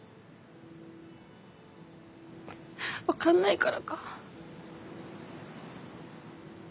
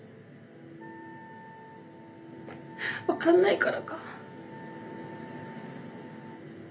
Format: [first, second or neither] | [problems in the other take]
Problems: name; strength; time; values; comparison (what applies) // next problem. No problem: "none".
first | background sound (Wind instrument, woodwind instrument); 19 dB below the speech // room echo; dies away in 0.3 s